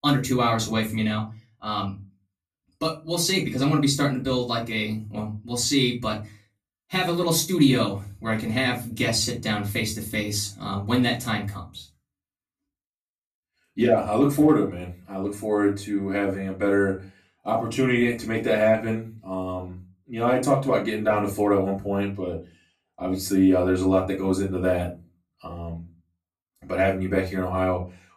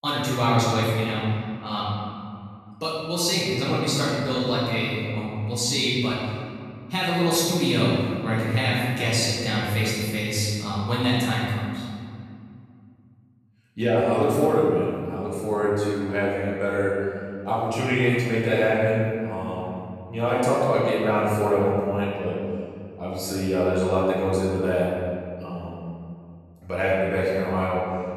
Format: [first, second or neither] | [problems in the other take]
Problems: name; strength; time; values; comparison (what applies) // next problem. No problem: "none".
first | room echo; strong; dies away in 2.1 s; slight in the first // off-mic speech; far; far in the first